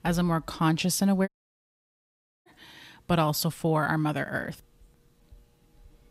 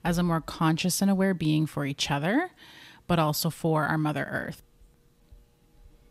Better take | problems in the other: second | audio cutting out; at 1.5 s for 1 s

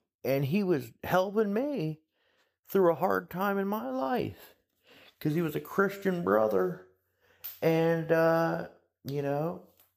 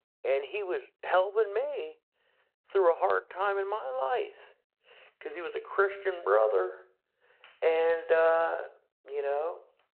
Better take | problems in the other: first | phone-call audio

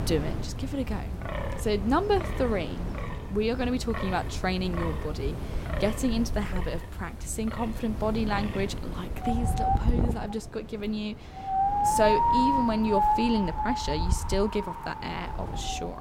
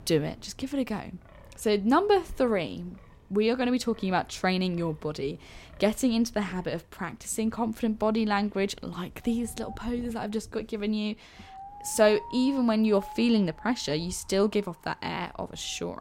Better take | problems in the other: second | wind in the background; loud; throughout; 1 dB below the speech; faint in the second

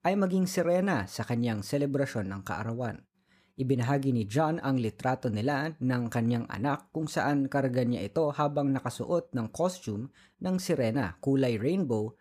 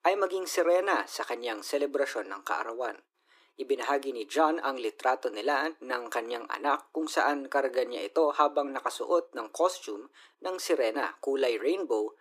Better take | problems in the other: first | thin; very; fading below 300 Hz

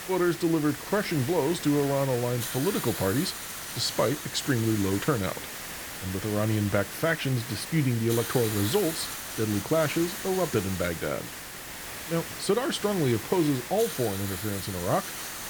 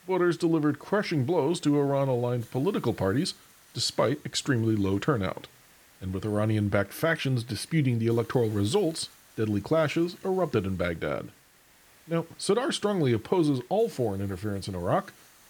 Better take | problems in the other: second | hiss; loud; throughout; 7 dB below the speech; faint in the second

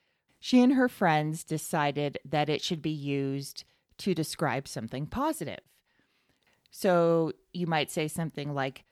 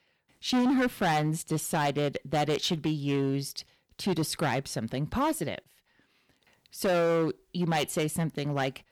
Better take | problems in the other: first | distortion; heavy; 10% of the sound clipped

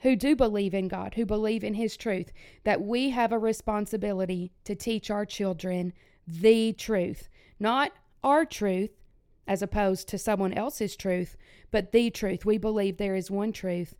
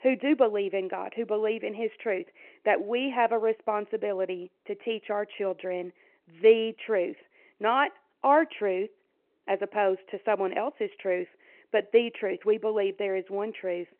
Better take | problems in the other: first | phone-call audio

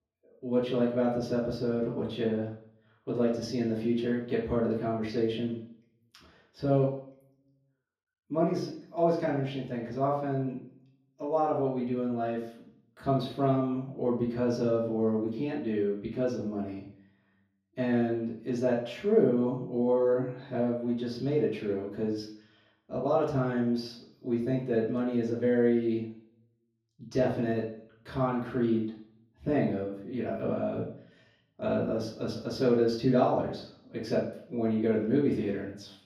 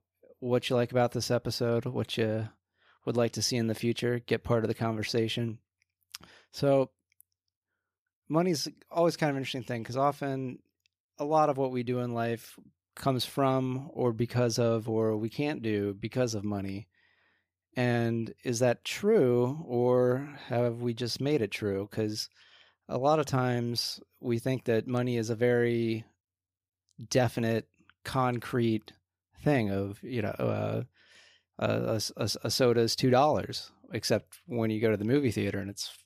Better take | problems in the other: second | room echo; noticeable; dies away in 0.6 s // off-mic speech; far

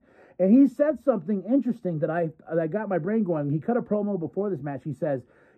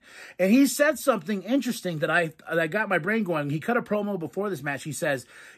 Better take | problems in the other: second | muffled; very; fading above 1.5 kHz

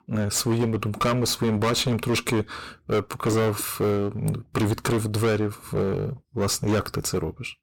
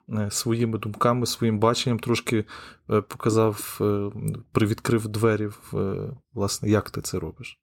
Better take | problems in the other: second | distortion; heavy; 19% of the sound clipped

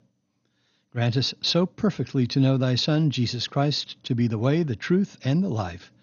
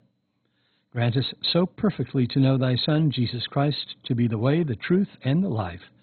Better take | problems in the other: first | garbled, watery; badly; nothing above 4 kHz; slightly in the first

